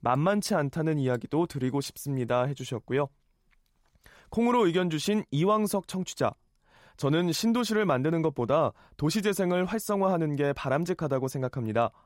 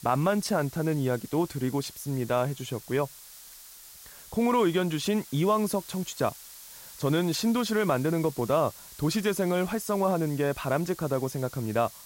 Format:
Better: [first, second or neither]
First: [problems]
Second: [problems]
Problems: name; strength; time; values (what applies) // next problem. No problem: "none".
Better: first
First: none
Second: hiss; noticeable; throughout; 15 dB below the speech